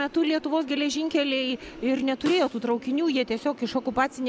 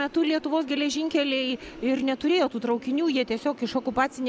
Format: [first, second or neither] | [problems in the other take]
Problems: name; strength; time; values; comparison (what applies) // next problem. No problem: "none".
second | background sound (Snare drum); 19 dB below the speech